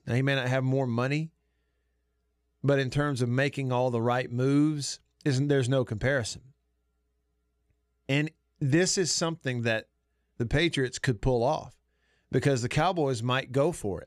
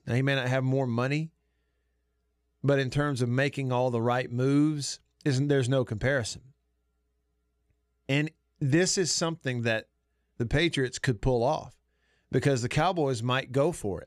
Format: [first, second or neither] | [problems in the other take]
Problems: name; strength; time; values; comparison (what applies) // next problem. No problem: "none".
neither | none